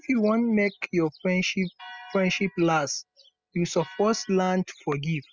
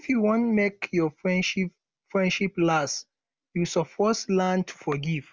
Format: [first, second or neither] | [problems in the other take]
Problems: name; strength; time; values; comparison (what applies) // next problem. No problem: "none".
second | noise reduction (classical method spectral subtraction)